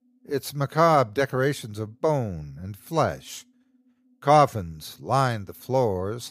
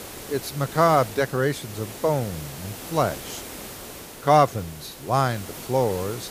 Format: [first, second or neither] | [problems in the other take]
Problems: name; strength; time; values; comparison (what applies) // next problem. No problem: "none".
first | hiss; noticeable; throughout; 15 dB below the speech